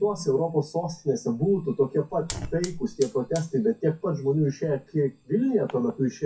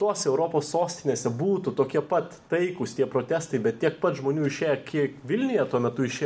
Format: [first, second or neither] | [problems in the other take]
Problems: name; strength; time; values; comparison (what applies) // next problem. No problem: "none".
second | noise reduction (classical method WPE with log-MMSE)